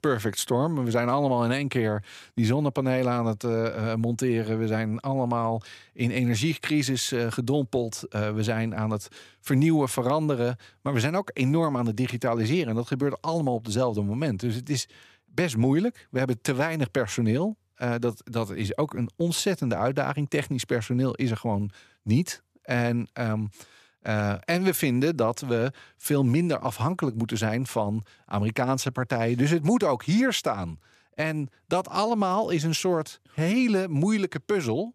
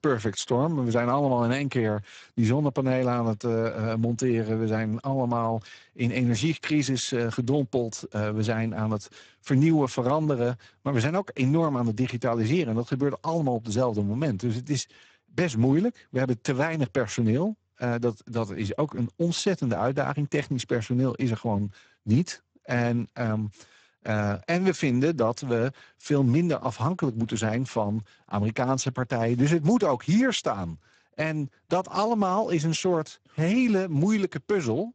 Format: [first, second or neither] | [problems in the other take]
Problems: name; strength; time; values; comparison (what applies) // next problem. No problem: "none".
first | garbled, watery; badly; nothing above 8 kHz